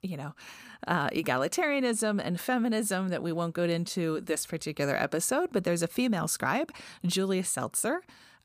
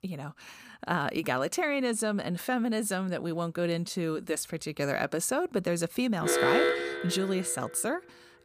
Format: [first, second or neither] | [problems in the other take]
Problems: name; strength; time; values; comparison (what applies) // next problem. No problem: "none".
first | alarm; loud; from 6 to 7.5 s; peak 6 dB above the speech